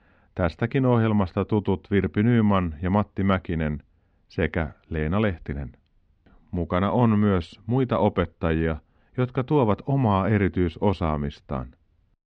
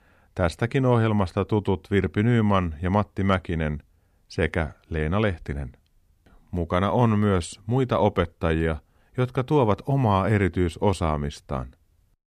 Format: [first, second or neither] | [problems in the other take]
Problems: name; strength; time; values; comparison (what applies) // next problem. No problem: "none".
second | muffled; slightly; fading above 4 kHz